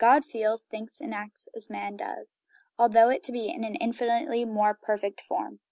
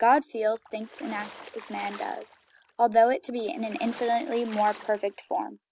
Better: first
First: none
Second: background sound (Water / Splash, splatter); 19 dB below the speech

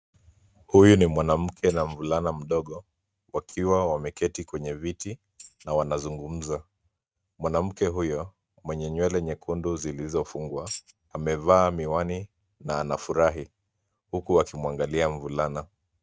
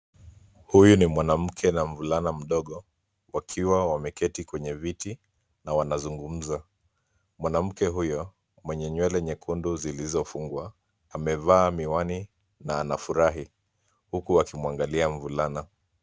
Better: second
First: noise reduction (neural mask model RNNoise)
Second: none

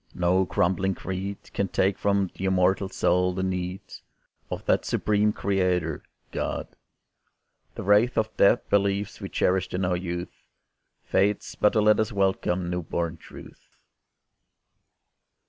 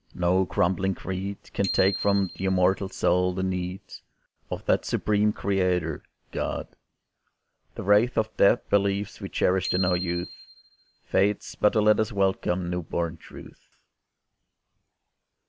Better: first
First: none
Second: background sound (Bicycle bell); 12 dB below the speech

